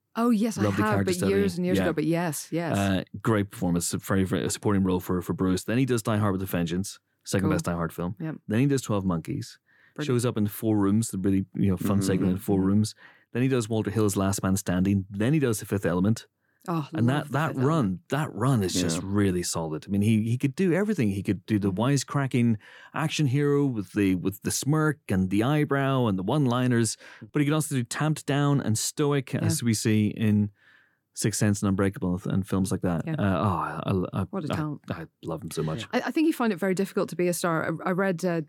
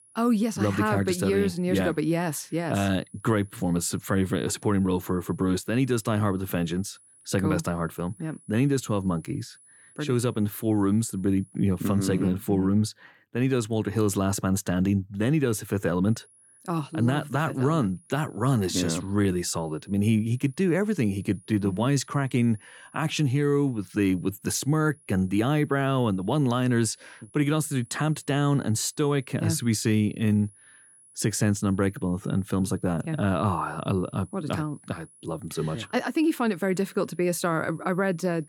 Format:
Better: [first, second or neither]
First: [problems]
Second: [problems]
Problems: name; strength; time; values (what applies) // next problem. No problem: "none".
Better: first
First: none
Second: high-pitched whine; faint; until 12 s and from 16 s on; 10.5 kHz, 25 dB below the speech